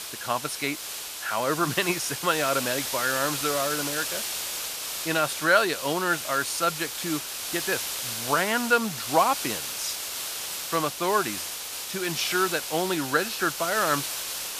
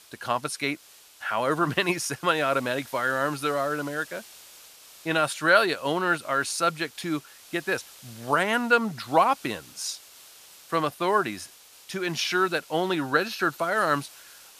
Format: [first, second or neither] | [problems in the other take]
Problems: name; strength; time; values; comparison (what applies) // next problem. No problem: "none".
second | hiss; loud; throughout; 4 dB below the speech; faint in the second